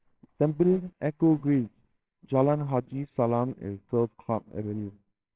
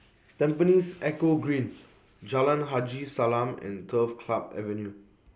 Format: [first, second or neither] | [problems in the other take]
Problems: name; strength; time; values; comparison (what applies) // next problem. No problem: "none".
second | noise reduction (neural separator model SepFormer WHAMR!)